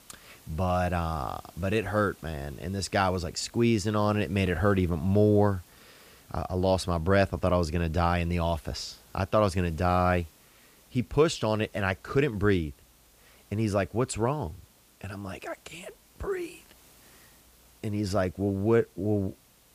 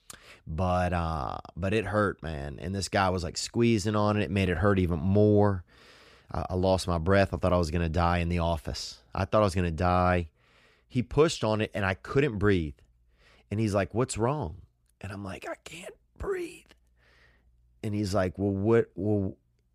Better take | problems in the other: second | hiss; faint; throughout; 30 dB below the speech

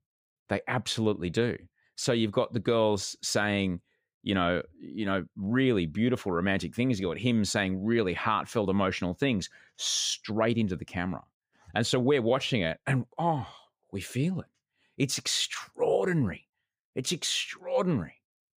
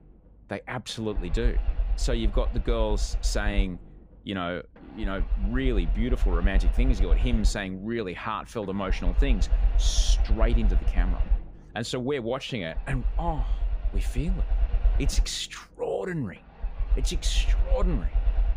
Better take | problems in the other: first | low rumble; noticeable; throughout; 15 dB below the speech

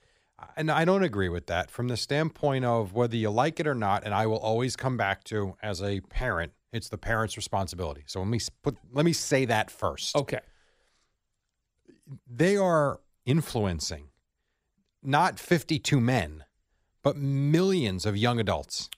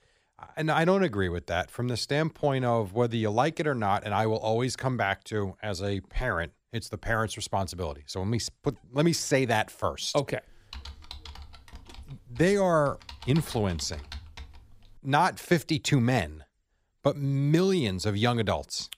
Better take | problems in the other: first | keyboard typing; faint; from 11 to 15 s; peak 15 dB below the speech

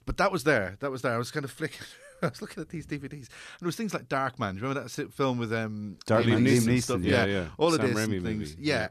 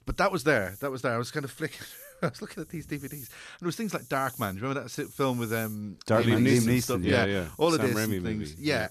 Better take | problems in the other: first | hiss; noticeable; throughout; 20 dB below the speech

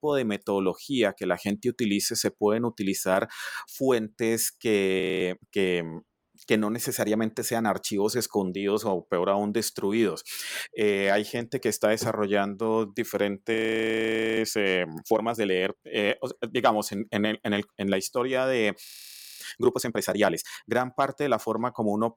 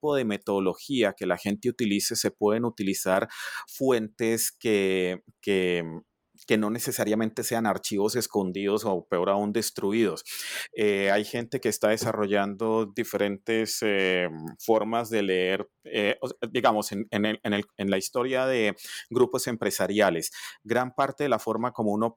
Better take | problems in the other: second | audio freezing; at 5 s, at 14 s for 1 s and at 19 s for 0.5 s

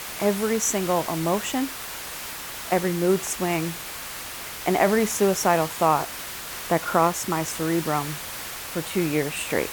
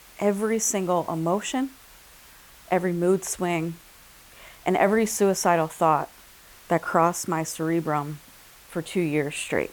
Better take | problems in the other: second | hiss; loud; throughout; 8 dB below the speech; faint in the second

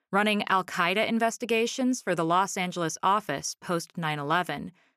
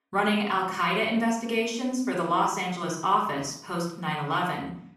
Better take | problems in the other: first | off-mic speech; far // room echo; noticeable; dies away in 0.5 s

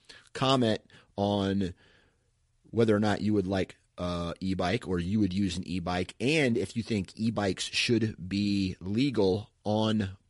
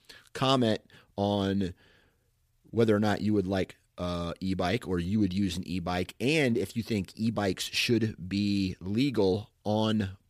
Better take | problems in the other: second | garbled, watery; slightly; nothing above 11 kHz

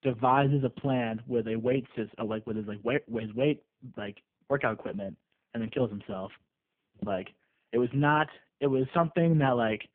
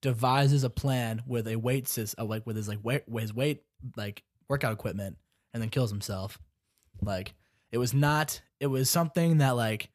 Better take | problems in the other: second | phone-call audio; poor line

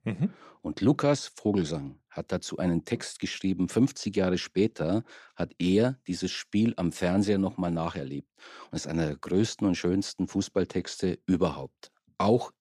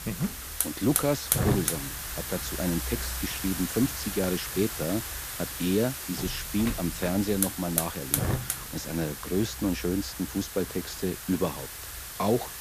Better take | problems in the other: first | hiss; loud; throughout; 2 dB below the speech

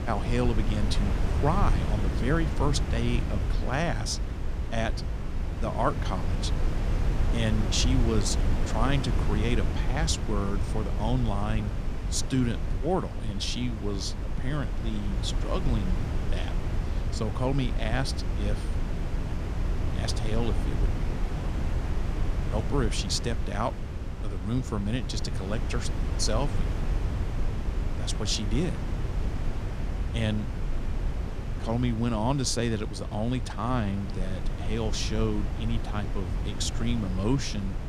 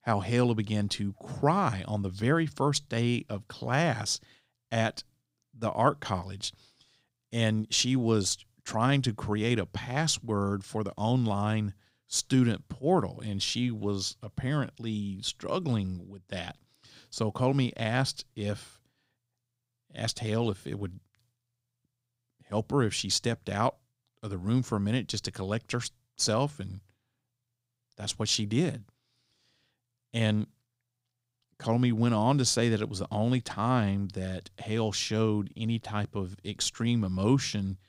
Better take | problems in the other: second | wind noise on the microphone; heavy; 7 dB below the speech

